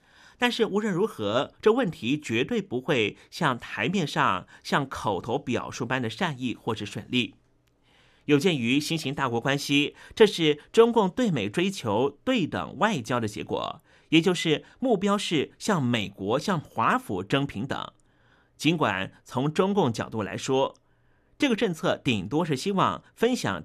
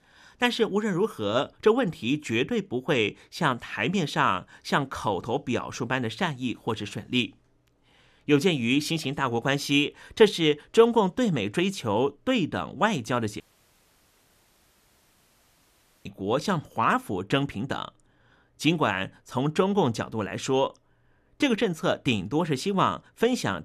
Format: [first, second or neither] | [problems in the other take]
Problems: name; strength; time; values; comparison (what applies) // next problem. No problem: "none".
first | audio cutting out; at 13 s for 2.5 s